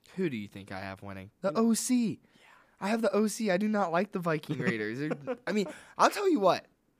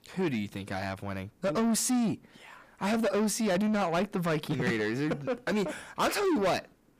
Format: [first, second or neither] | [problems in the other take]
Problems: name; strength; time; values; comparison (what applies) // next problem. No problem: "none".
first | distortion; heavy; 7 dB below the speech